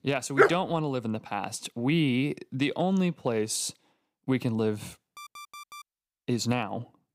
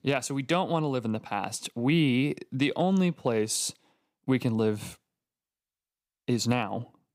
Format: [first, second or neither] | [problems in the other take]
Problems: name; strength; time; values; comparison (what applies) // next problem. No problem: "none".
second | dog barking; loud; at 0.5 s; peak 6 dB above the speech // alarm; faint; at 5 s; peak 15 dB below the speech